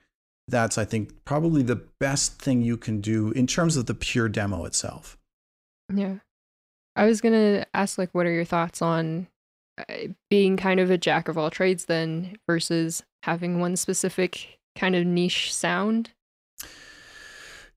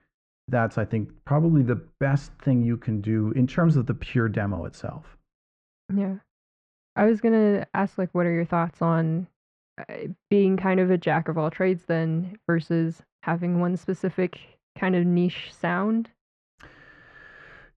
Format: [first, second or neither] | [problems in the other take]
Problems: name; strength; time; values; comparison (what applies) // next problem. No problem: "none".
first | muffled; very; fading above 1.5 kHz